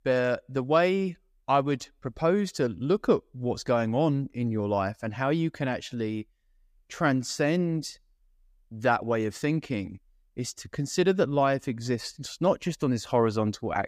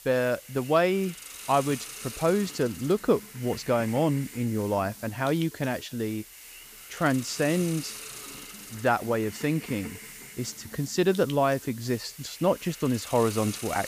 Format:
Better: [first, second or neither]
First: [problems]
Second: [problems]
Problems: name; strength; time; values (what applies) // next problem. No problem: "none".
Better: first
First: none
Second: hiss; noticeable; throughout; 15 dB below the speech